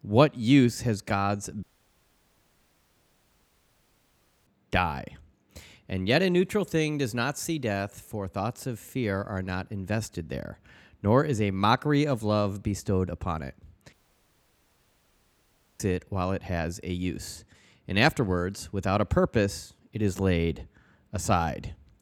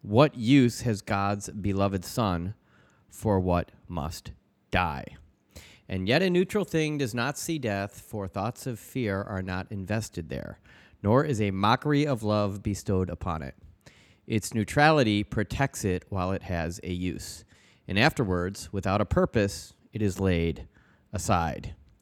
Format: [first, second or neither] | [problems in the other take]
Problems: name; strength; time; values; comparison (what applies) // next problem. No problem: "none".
second | audio cutting out; at 1.5 s for 3 s and at 14 s for 2 s